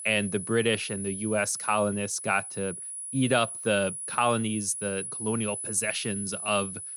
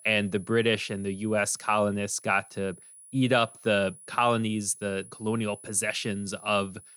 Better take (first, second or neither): second